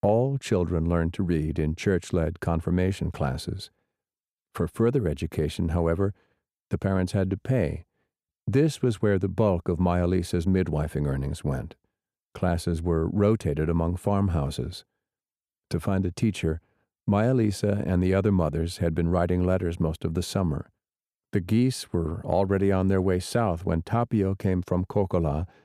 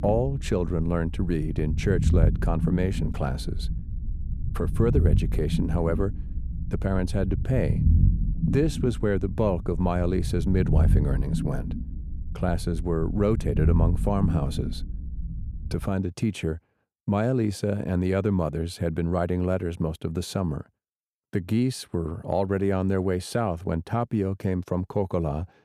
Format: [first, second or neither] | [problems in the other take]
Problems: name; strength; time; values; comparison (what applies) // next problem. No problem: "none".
first | low rumble; noticeable; until 16 s; 10 dB below the speech